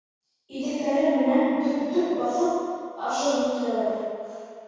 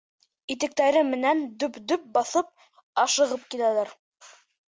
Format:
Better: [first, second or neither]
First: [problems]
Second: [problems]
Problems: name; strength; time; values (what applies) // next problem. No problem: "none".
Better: second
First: room echo; dies away in 2 s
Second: none